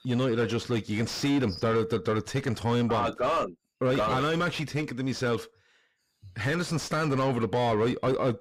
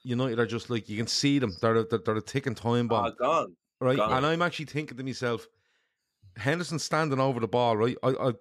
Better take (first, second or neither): second